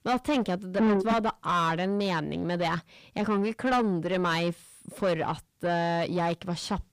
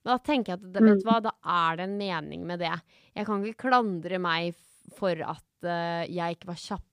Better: second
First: distortion; heavy; 5 dB below the speech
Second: none

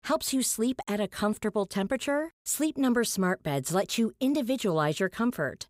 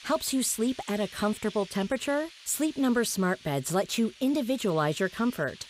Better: first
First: none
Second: hiss; noticeable; throughout; 20 dB below the speech

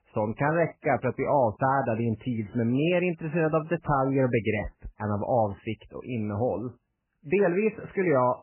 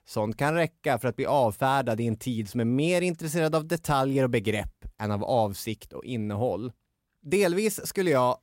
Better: second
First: garbled, watery; badly; nothing above 3 kHz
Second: none

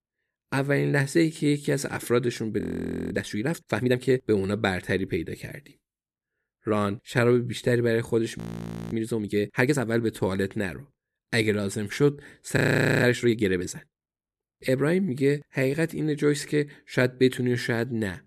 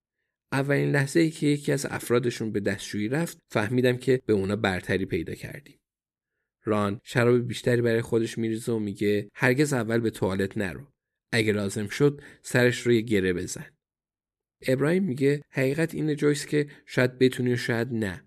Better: second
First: audio freezing; at 2.5 s for 0.5 s, at 8.5 s for 0.5 s and at 13 s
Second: none

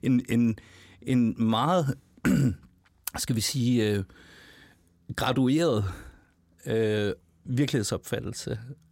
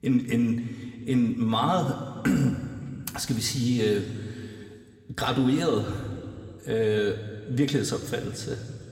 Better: first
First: none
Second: room echo; slight; dies away in 2 s

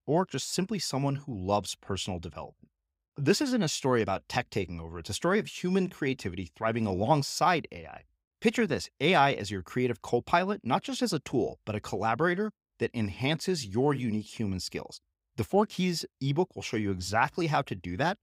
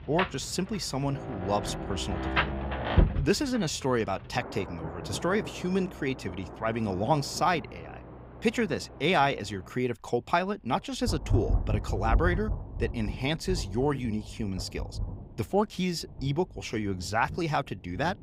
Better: first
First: none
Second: rain or running water; loud; throughout; 5 dB below the speech

